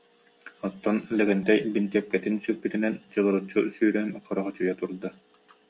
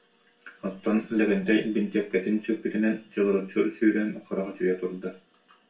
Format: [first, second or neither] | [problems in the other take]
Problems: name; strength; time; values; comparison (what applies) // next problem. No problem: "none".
first | room echo; dies away in 0.3 s